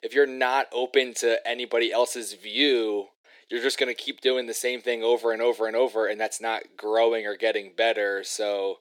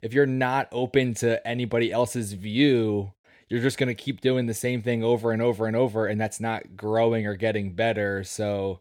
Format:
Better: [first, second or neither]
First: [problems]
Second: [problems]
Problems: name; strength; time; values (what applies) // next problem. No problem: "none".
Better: second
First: thin; somewhat; fading below 350 Hz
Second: none